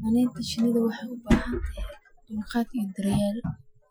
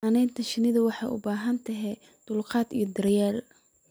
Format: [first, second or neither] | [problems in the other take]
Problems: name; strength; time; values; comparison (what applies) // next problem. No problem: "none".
second | noise reduction (classical method Wiener filter)